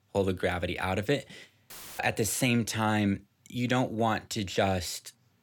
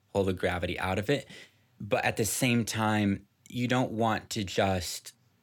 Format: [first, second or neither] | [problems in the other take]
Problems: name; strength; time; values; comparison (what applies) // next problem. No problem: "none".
second | audio cutting out; filled with static; at 1.5 s